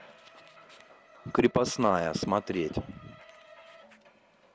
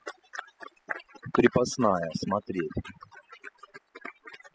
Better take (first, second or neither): first